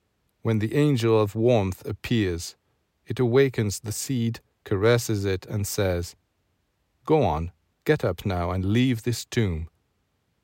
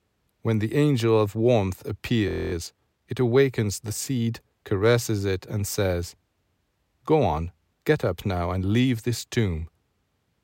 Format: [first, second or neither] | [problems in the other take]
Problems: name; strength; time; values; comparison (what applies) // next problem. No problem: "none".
first | audio freezing; at 2.5 s